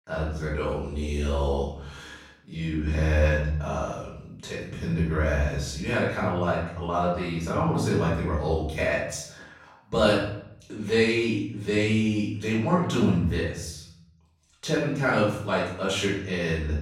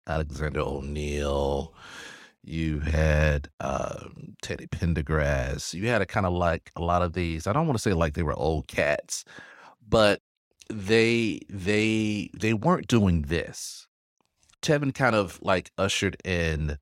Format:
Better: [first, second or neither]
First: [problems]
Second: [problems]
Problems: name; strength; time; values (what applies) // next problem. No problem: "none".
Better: second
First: room echo; noticeable; dies away in 0.7 s // off-mic speech; far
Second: none